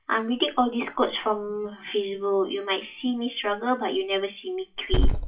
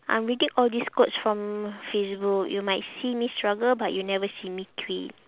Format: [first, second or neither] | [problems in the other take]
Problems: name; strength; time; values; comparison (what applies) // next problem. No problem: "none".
second | noise reduction (classical method WPE with log-MMSE)